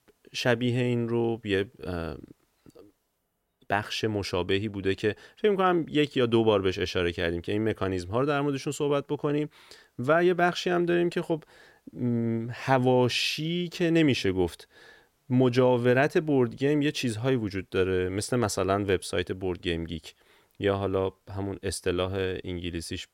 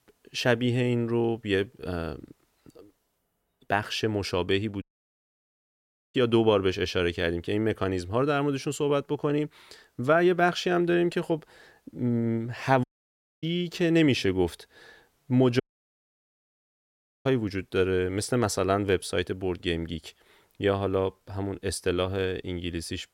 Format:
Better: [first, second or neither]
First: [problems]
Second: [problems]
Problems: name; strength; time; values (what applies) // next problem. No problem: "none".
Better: first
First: none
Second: audio cutting out; at 5 s for 1.5 s, at 13 s for 0.5 s and at 16 s for 1.5 s